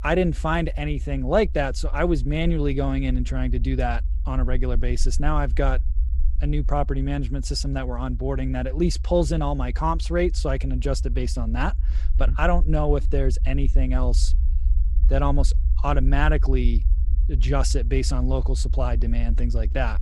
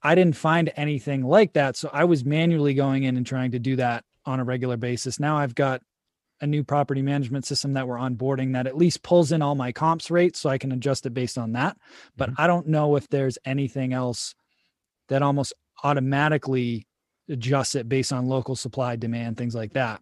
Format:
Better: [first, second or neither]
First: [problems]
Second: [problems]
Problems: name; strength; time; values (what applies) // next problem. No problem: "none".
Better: second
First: low rumble; faint; throughout; 20 dB below the speech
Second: none